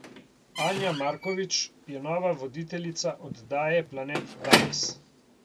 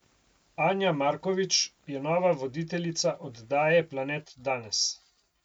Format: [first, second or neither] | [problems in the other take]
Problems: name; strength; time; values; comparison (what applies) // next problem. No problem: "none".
second | background sound (Squeak / Slam / Wood); 1 dB below the speech